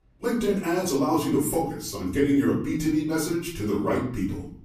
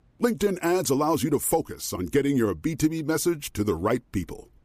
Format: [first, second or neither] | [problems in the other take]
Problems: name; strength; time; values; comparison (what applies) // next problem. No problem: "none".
second | off-mic speech; far // room echo; noticeable; dies away in 0.6 s